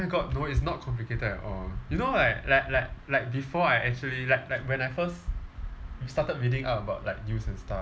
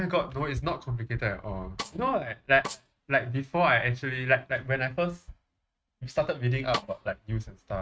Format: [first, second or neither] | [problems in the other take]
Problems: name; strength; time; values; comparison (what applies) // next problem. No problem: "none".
first | noise reduction (neural mask model RNNoise)